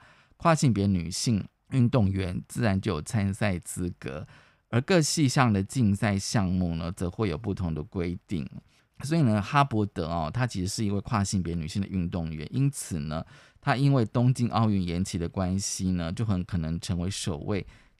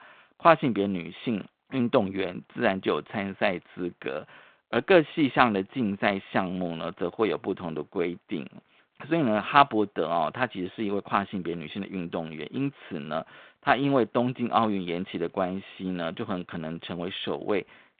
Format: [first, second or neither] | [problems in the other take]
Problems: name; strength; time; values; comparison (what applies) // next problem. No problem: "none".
first | phone-call audio; nothing above 4 kHz